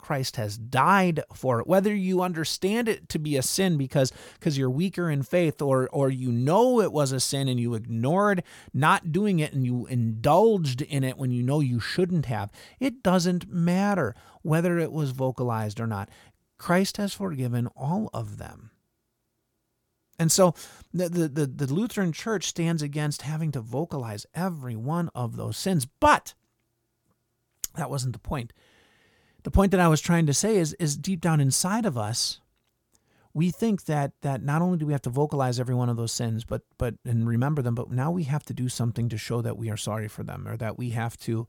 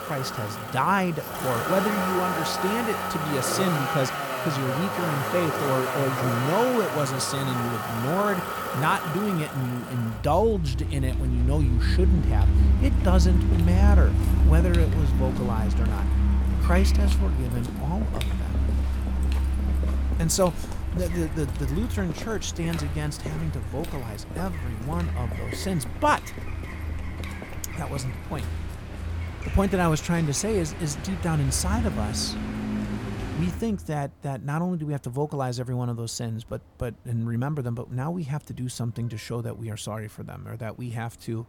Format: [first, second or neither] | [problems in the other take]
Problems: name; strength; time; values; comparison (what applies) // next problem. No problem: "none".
first | traffic noise; very loud; throughout; 1 dB above the speech